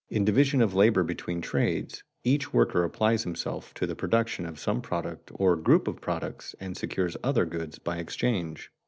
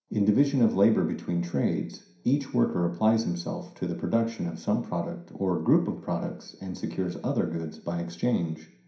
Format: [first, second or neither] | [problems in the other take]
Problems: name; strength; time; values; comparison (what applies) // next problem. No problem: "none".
first | room echo; dies away in 0.5 s